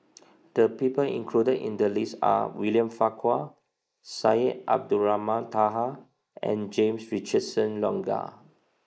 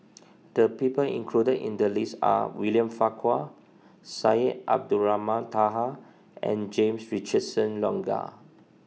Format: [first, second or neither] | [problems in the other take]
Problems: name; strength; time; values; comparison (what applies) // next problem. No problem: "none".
second | noise reduction (neural mask model Resemble Enhance denoiser)